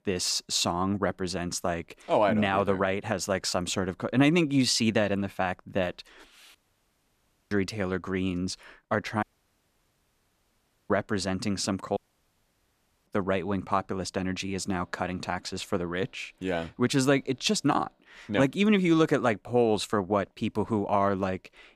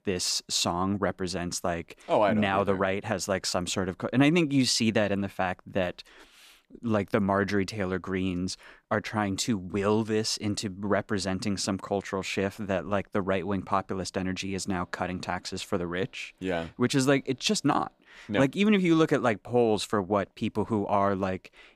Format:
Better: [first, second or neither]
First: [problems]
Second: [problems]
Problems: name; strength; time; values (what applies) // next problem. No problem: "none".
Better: second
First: audio cutting out; at 6.5 s for 1 s, at 9 s for 1.5 s and at 12 s for 1 s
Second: none